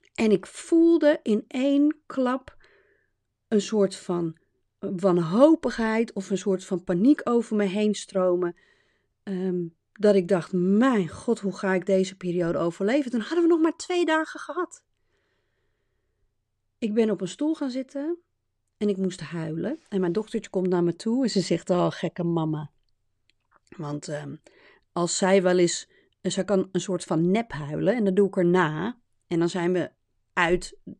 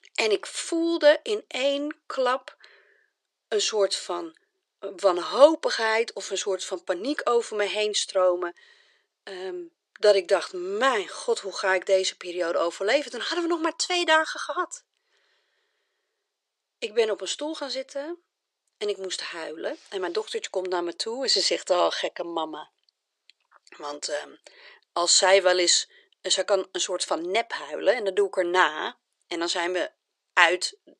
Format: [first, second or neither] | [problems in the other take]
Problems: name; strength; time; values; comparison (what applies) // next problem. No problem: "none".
first | thin; very; fading below 450 Hz